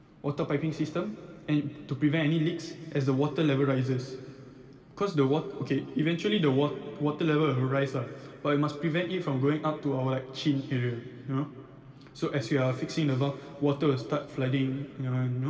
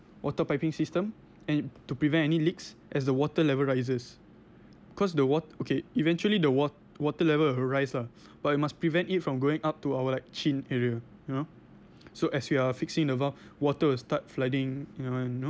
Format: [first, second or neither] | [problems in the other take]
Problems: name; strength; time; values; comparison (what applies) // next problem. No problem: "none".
second | room echo; dies away in 2.4 s